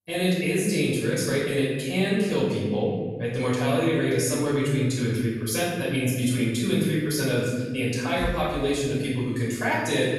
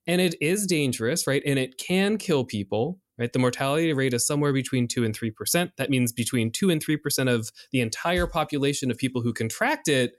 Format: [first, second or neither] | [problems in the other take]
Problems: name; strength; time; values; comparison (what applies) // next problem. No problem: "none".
second | off-mic speech; far // room echo; strong; dies away in 1.4 s